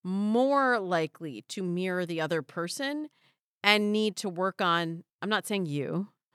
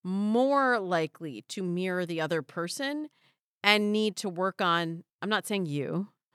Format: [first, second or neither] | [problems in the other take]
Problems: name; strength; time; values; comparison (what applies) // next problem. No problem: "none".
neither | none